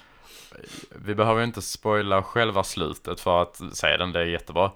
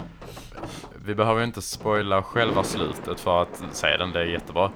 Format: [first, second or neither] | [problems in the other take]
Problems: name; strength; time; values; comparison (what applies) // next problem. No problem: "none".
first | rain or running water; noticeable; throughout; 10 dB below the speech